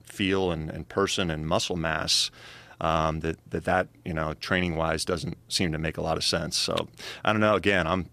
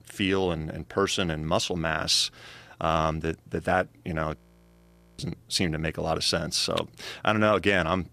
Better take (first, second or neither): first